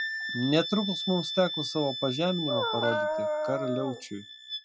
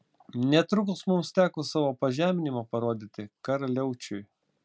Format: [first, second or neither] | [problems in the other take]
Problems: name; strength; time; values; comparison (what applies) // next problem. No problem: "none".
second | noise reduction (classical method log-MMSE)